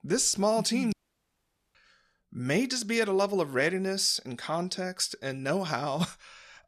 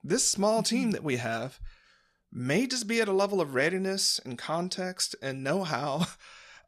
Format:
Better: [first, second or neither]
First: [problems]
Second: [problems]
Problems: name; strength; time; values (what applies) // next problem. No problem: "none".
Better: second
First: audio cutting out; at 1 s for 1 s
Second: none